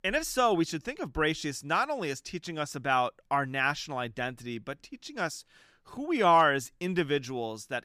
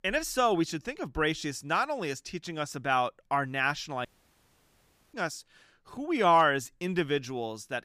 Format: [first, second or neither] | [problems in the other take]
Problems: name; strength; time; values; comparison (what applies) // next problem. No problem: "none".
first | audio cutting out; at 4 s for 1 s